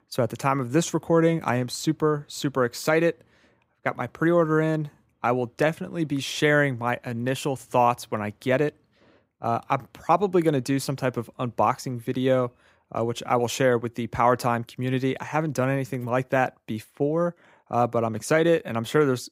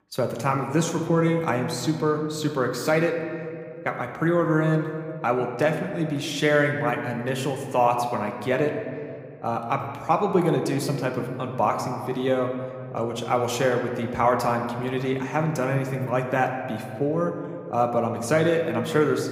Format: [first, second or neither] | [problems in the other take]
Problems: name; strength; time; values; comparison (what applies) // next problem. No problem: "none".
first | room echo; slight; dies away in 1.8 s